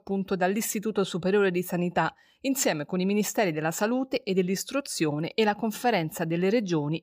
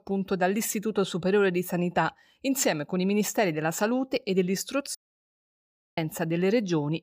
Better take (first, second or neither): first